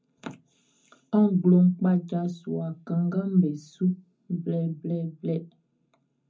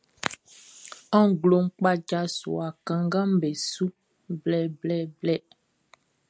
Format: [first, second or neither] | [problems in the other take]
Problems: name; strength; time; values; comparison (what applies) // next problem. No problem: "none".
second | room echo; dies away in 0.3 s